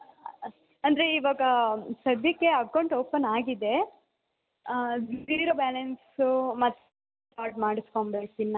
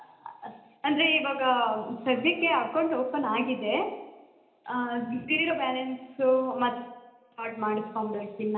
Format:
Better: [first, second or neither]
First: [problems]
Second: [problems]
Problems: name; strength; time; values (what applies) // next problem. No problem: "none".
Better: first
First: none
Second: room echo; dies away in 0.9 s